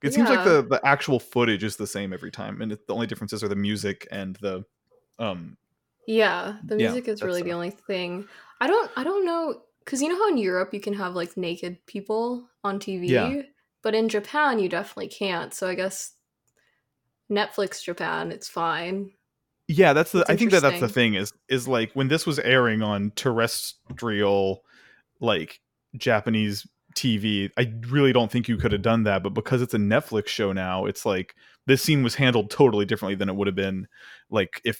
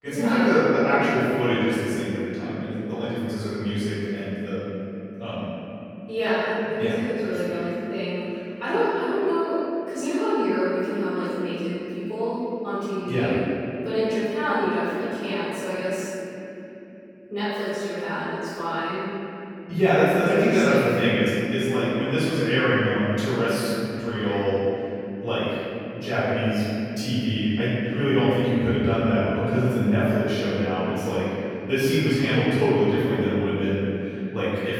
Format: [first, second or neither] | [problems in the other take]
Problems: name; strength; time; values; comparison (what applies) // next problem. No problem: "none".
first | off-mic speech; far // room echo; strong; dies away in 3 s